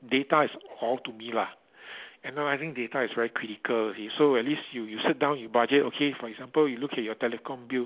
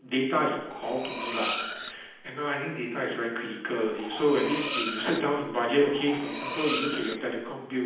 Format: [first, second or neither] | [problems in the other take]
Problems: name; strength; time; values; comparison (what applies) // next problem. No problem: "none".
first | background sound (Cutlery, silverware); 7 dB below the speech // room echo; dies away in 0.9 s